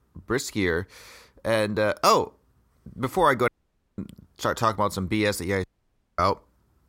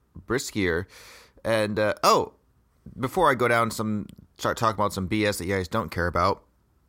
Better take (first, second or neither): second